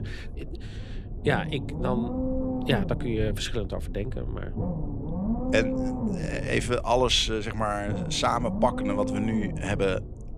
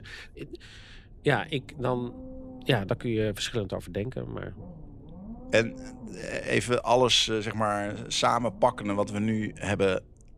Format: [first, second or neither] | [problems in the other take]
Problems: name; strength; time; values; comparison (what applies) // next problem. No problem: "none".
second | low rumble; loud; throughout; 8 dB below the speech; faint in the second